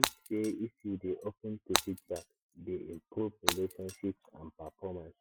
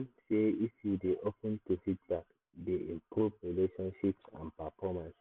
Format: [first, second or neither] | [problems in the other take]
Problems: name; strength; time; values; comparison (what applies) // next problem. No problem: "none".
second | noise reduction (classical method Wiener filter)